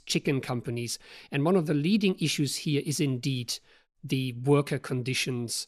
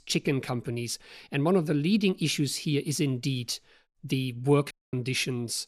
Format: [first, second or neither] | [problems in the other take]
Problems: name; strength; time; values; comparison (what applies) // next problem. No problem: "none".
first | audio cutting out; at 4.5 s